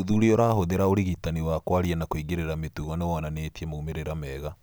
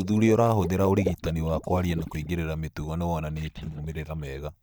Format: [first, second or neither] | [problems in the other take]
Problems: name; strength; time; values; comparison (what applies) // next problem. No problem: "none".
first | noise reduction (neural mask model DeepFilterNet 3)